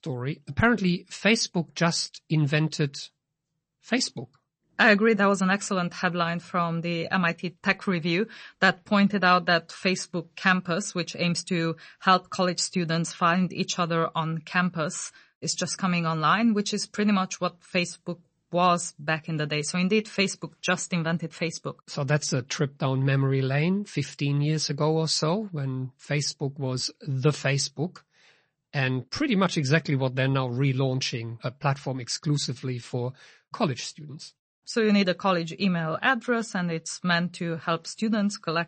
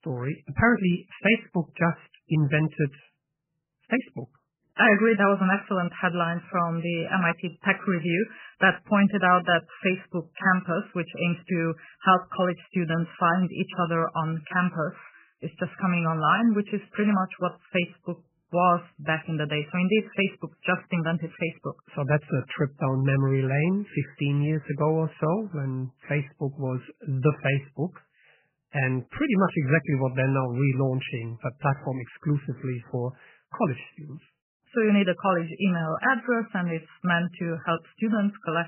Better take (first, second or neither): first